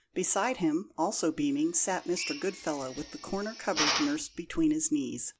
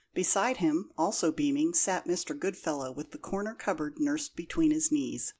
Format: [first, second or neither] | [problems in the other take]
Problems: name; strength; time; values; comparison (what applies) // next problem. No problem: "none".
second | background sound (Drill); 7 dB below the speech